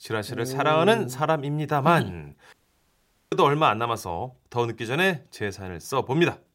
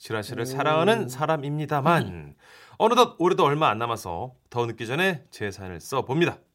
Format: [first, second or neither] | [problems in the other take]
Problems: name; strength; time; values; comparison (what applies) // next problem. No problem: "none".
second | audio cutting out; at 2.5 s for 1 s